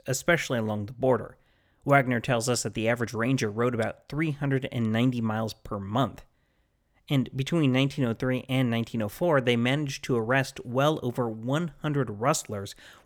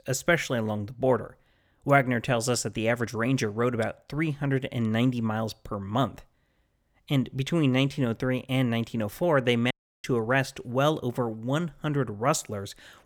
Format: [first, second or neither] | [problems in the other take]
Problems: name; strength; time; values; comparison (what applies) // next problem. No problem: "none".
first | audio cutting out; at 9.5 s